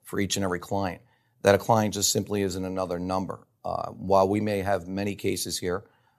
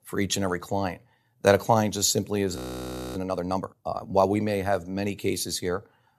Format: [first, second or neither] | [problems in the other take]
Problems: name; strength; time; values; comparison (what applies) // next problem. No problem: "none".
first | audio freezing; at 2.5 s for 0.5 s